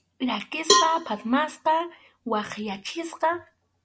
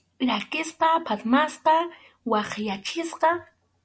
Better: second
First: background sound (Cowbell); as loud as the speech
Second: none

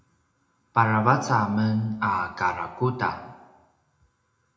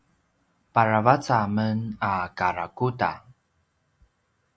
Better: second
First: room echo; dies away in 0.6 s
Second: none

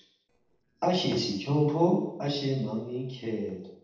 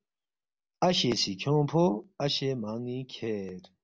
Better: second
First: noise reduction (neural separator model SepFormer DNS4)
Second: none

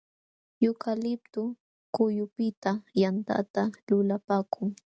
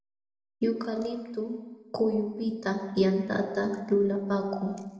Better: first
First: none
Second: room echo; dies away in 1.3 s

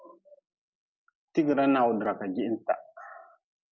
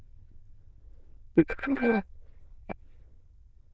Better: first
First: none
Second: noise reduction (neural diffusion model UNIVERSE++)

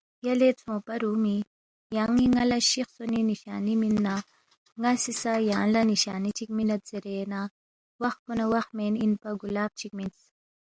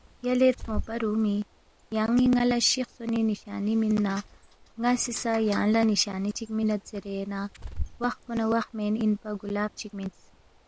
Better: first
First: none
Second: background sound (Bird); 14 dB below the speech

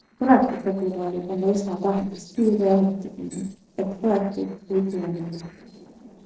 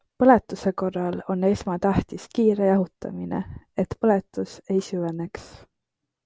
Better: second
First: noise reduction (neural separator model SepFormer DNS4)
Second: none

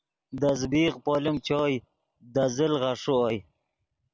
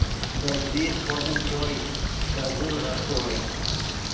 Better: first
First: none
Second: background sound (Bird); 3 dB above the speech // room echo; dies away in 0.9 s

